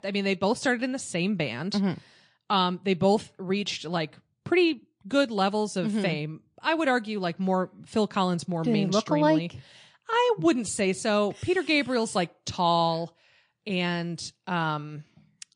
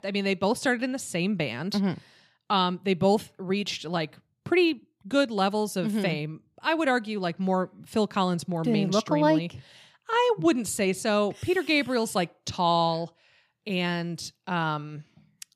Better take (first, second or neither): second